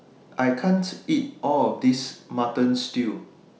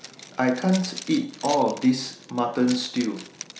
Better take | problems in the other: first | background sound (Zipper (clothing)); 16 dB below the speech

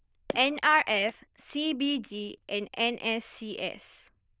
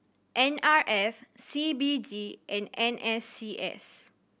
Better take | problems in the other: second | noise reduction (neural diffusion model UNIVERSE++)

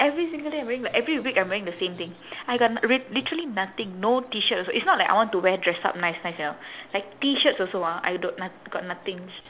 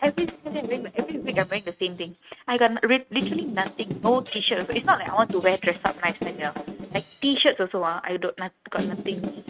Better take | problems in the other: first | noise reduction (neural mask model RNNoise)

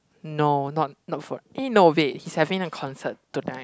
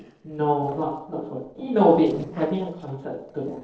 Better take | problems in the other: first | noise reduction (neural separator model SepFormer DNS4)

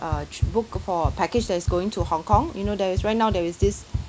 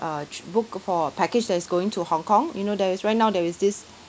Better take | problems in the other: second | background sound (Run); 4 dB below the speech

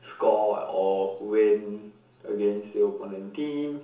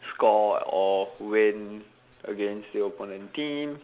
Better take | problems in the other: second | room echo; dies away in 0.8 s

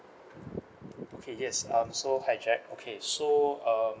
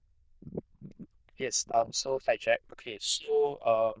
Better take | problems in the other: first | noise reduction (neural diffusion model UNIVERSE++)

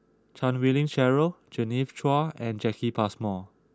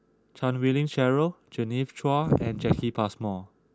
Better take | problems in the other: first | background sound (Wind); as loud as the speech

